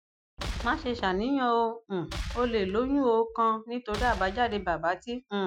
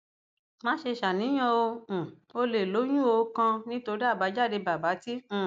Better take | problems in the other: second | noise reduction (classical method Wiener filter)

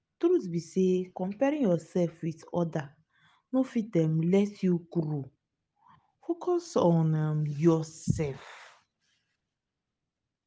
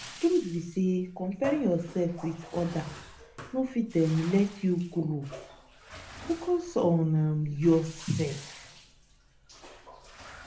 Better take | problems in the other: first | background sound (Bathtub (filling or washing)); 17 dB below the speech // room echo; dies away in 0.3 s

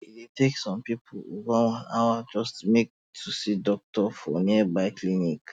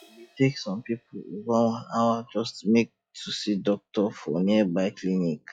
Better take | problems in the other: first | noise reduction (classical method log-MMSE)

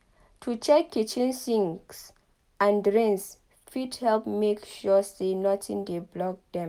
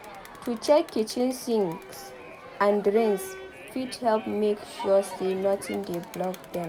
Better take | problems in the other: first | background sound (Crowd); 15 dB below the speech

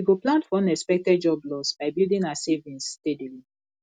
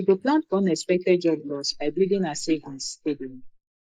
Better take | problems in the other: first | noise reduction (neural mask model Resemble Enhance denoiser)

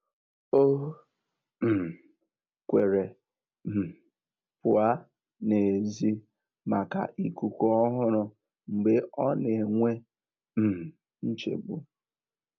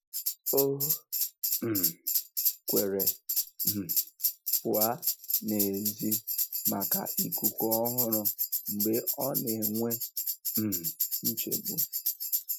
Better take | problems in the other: first | noise reduction (classical method Wiener filter)

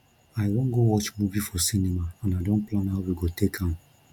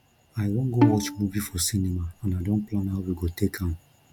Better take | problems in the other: first | background sound (Bowed string instrument); 3 dB below the speech

